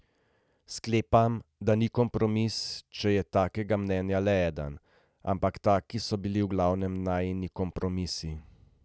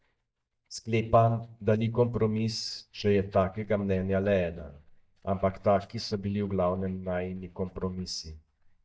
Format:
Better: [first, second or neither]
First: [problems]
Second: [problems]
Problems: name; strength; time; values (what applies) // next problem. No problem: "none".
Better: first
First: none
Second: noise reduction (neural mask model DeepFilterNet 3)